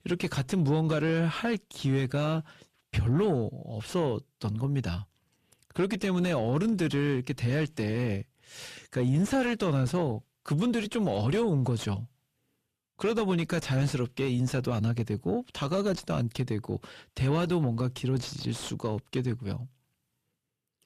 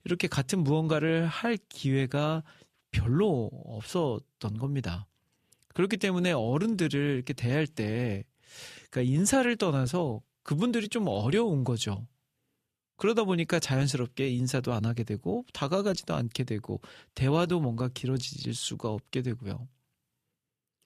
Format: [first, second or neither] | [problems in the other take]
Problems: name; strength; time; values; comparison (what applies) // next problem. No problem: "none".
second | distortion; slight; 10 dB below the speech